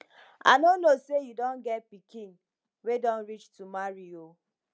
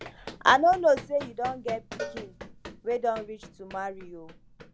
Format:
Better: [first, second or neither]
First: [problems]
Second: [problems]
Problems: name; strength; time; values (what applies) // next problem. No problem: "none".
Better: first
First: none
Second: background sound (Run + Cowbell); 14 dB below the speech